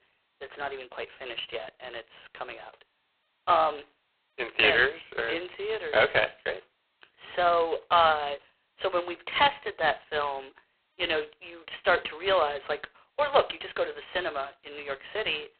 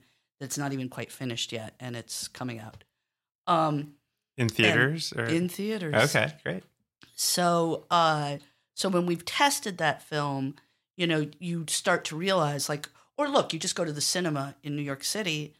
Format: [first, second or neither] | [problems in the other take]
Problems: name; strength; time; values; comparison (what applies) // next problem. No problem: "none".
second | phone-call audio; poor line